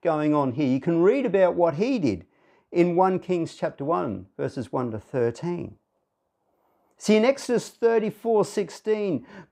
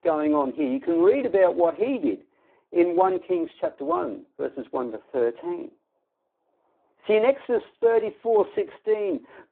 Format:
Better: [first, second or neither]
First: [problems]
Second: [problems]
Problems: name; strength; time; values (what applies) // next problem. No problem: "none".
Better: first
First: none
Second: phone-call audio; poor line